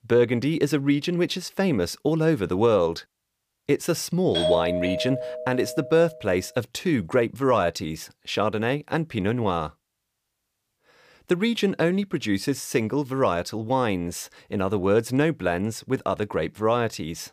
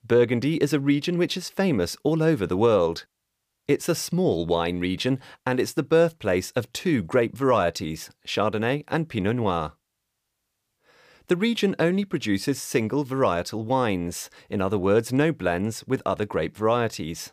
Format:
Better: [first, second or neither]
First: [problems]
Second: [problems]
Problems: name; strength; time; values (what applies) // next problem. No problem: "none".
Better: second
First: doorbell; loud; from 4.5 to 6 s; peak 1 dB above the speech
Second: none